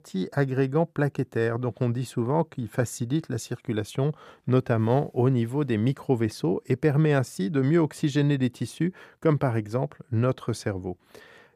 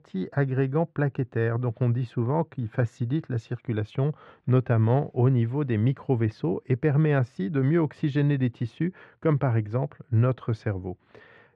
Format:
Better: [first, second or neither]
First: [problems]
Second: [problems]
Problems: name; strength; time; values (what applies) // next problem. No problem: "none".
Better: first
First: none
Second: muffled; slightly; fading above 2.5 kHz